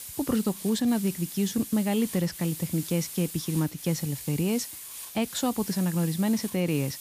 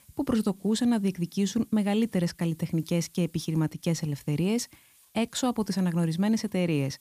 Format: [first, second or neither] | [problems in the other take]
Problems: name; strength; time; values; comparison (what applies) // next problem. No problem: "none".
second | hiss; loud; throughout; 10 dB below the speech; faint in the second